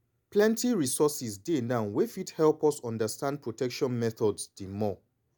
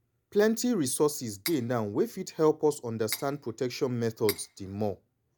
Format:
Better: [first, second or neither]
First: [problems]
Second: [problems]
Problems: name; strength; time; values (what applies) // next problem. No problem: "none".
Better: first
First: none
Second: background sound (Cutlery, silverware); 11 dB below the speech